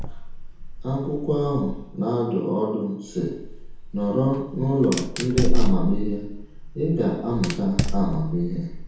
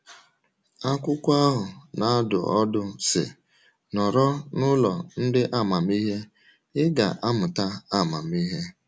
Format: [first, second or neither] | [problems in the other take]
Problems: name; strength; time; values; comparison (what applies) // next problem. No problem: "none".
second | background sound (Fire); as loud as the speech // room echo; dies away in 0.9 s